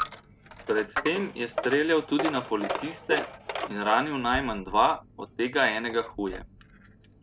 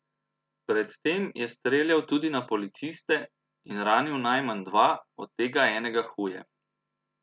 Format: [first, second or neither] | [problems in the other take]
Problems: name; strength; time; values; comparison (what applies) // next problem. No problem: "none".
second | background sound (Coin (dropping)); 9 dB below the speech